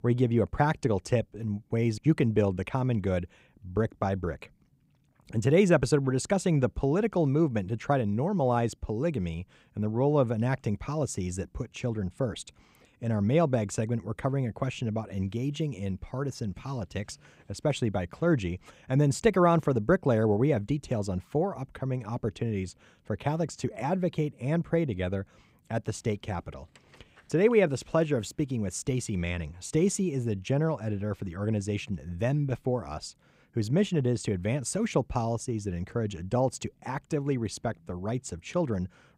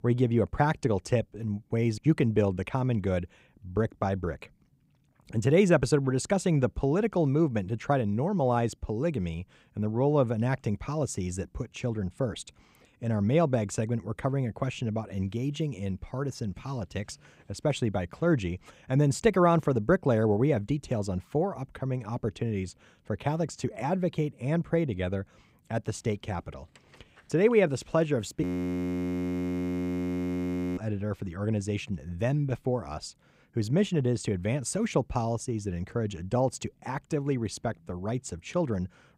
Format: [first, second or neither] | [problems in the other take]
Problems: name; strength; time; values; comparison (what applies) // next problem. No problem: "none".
first | audio freezing; at 28 s for 2.5 s